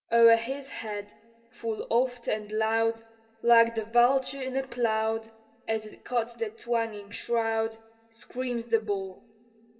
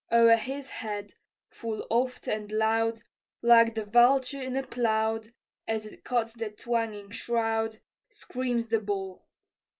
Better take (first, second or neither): second